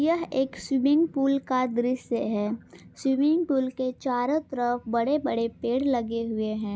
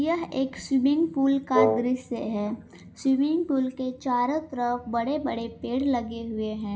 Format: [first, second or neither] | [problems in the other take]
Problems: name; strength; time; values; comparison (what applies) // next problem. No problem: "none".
first | background sound (Wind instrument, woodwind instrument); 2 dB above the speech // room echo; dies away in 0.7 s